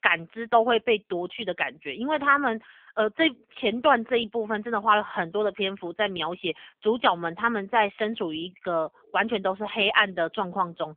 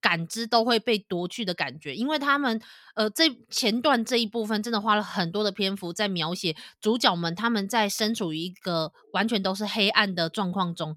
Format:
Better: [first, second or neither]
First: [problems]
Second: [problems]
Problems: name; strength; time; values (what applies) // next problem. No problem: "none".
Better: second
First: phone-call audio; poor line; nothing above 3.5 kHz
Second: none